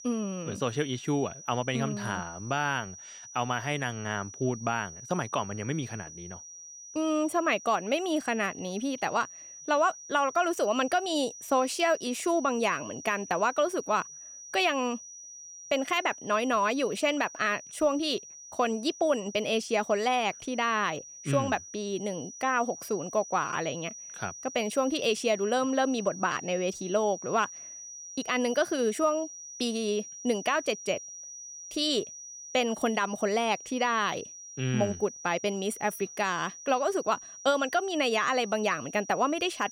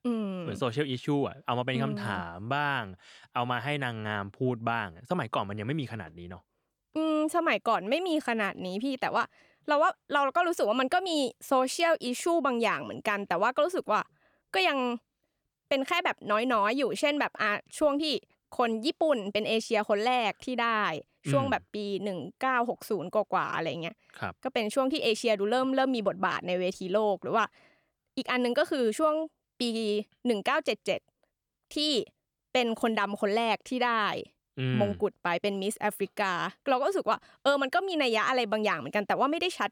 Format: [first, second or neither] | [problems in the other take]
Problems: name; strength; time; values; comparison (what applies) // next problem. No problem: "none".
second | high-pitched whine; noticeable; throughout; 6 kHz, 15 dB below the speech